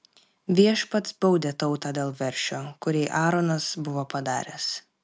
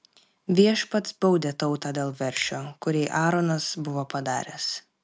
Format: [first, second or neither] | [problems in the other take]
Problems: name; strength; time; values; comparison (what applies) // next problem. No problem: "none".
first | background sound (Finger snapping); 16 dB below the speech